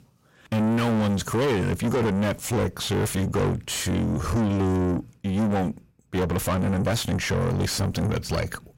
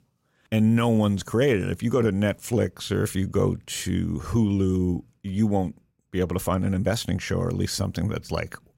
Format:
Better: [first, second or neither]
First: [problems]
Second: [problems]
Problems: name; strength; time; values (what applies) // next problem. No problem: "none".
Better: second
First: distortion; heavy; 5 dB below the speech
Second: none